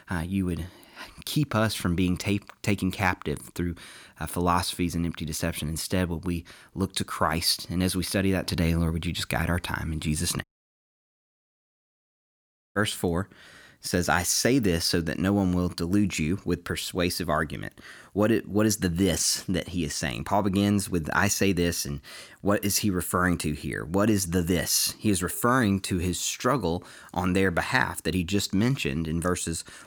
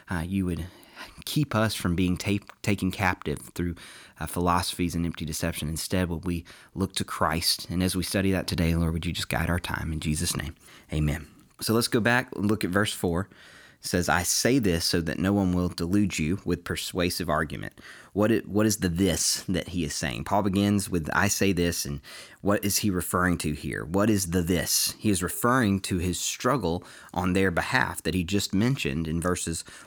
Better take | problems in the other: second | audio cutting out; at 10 s for 2.5 s

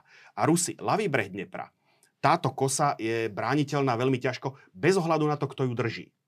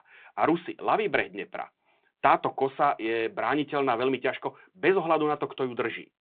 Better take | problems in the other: first | phone-call audio; nothing above 3.5 kHz

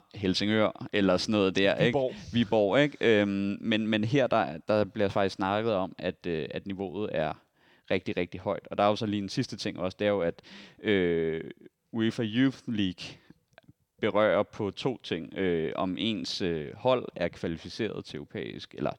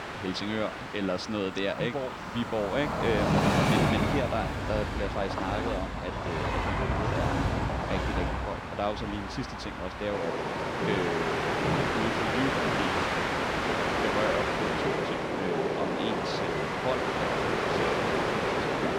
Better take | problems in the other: first | train or aircraft noise; very loud; throughout; 5 dB above the speech

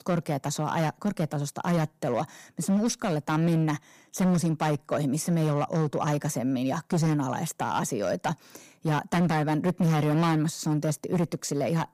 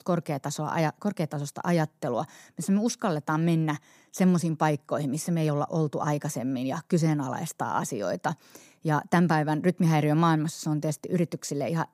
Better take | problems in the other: second | distortion; slight; 11% of the sound clipped

